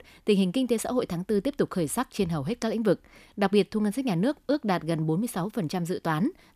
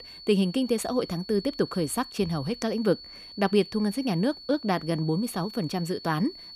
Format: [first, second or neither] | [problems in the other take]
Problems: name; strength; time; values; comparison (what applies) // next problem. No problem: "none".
first | high-pitched whine; noticeable; throughout; 4.5 kHz, 15 dB below the speech